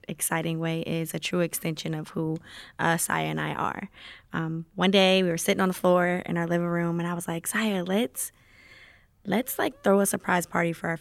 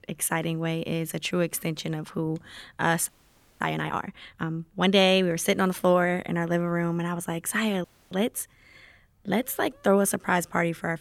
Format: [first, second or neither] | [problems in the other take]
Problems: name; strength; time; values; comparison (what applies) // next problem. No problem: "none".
first | audio freezing; at 3 s for 0.5 s and at 8 s